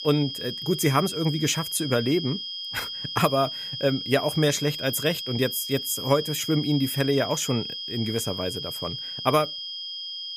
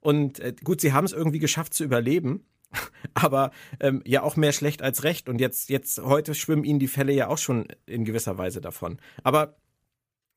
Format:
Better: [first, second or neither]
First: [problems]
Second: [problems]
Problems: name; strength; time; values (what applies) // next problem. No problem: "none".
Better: second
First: high-pitched whine; loud; throughout; 3 kHz, 5 dB below the speech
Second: none